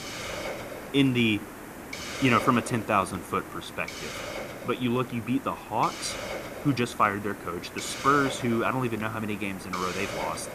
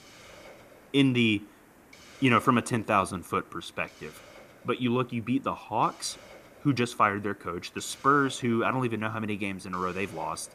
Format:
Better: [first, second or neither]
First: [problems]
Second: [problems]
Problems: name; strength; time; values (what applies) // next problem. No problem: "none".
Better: second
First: hiss; loud; throughout; 9 dB below the speech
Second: hiss; faint; throughout; 25 dB below the speech